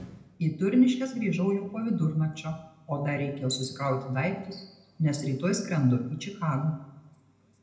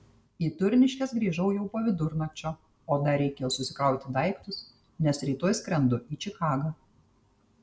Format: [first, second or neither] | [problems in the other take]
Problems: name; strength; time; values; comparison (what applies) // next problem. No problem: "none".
second | room echo; dies away in 0.8 s